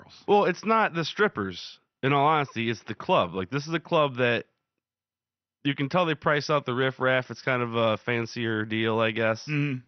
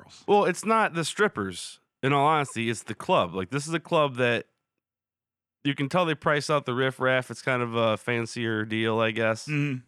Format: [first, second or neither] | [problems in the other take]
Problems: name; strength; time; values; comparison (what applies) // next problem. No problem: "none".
second | garbled, watery; slightly; nothing above 6 kHz